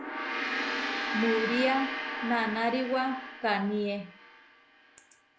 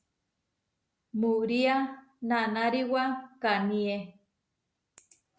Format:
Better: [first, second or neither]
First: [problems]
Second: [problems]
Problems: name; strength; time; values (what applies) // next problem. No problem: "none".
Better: second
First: background sound (Gong); 4 dB below the speech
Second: none